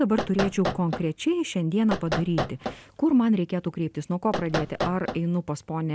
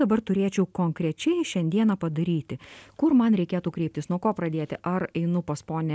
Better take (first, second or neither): second